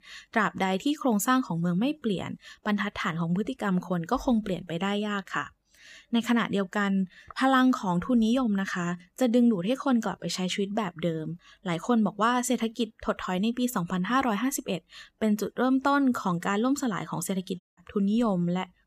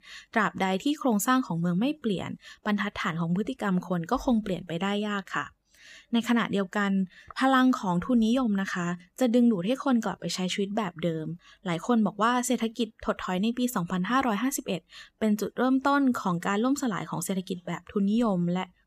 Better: second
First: audio cutting out; at 18 s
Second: none

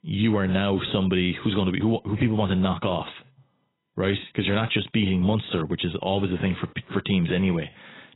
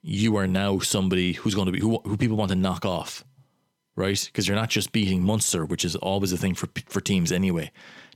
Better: second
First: garbled, watery; badly; nothing above 4 kHz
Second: none

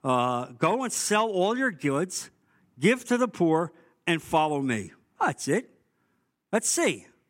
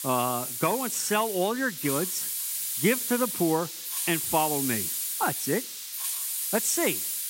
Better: first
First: none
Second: hiss; loud; throughout; 1 dB below the speech

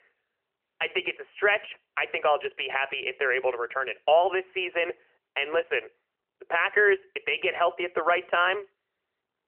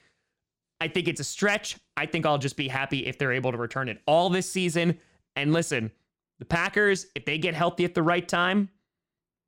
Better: second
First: phone-call audio; nothing above 3 kHz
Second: none

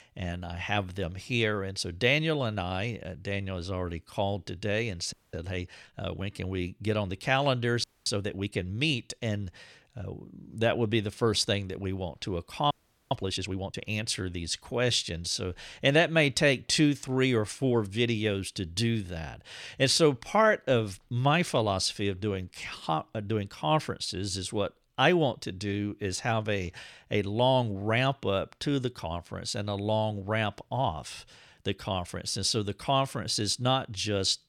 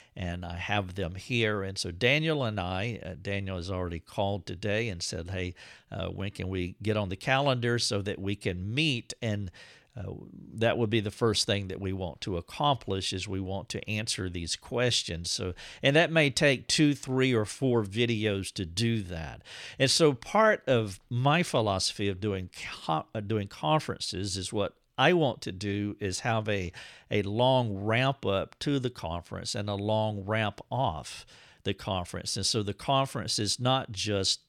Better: second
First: audio freezing; at 5 s, at 8 s and at 13 s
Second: none

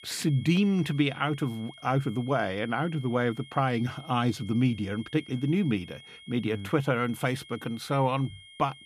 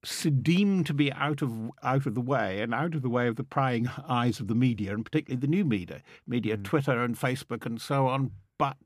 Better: second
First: high-pitched whine; noticeable; throughout; 3 kHz, 20 dB below the speech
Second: none

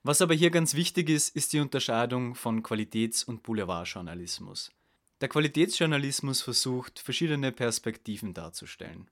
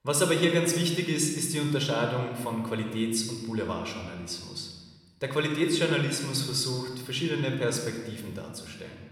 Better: first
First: none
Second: room echo; noticeable; dies away in 1.3 s

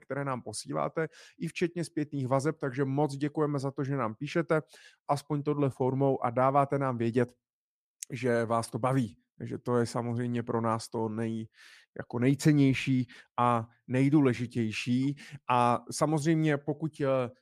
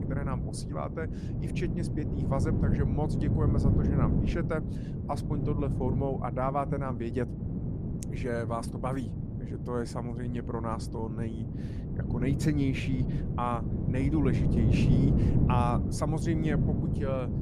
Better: first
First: none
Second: wind noise on the microphone; heavy; 4 dB below the speech

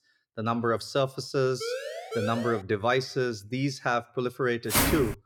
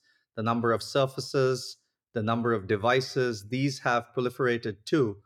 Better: second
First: siren; noticeable; from 1.5 to 2.5 s; peak 5 dB below the speech // footsteps; loud; at 4.5 s; peak 5 dB above the speech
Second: none

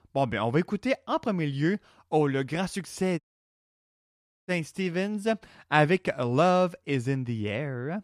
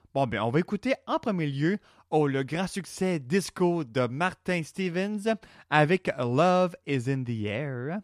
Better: second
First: audio cutting out; at 3 s for 1.5 s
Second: none

